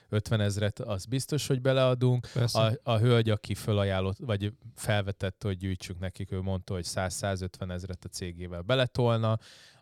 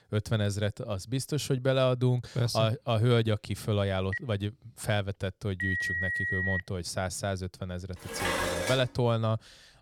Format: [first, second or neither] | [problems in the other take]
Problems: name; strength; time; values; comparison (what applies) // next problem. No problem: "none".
first | phone ringing; loud; from 4 to 6.5 s; peak 1 dB above the speech // clattering dishes; loud; at 8 s; peak 1 dB above the speech